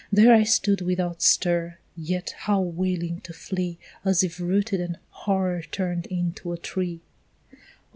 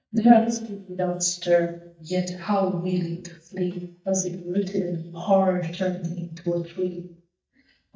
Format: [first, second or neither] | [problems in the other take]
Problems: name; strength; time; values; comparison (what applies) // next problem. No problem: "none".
first | noise reduction (neural mask model DeepFilterNet 3)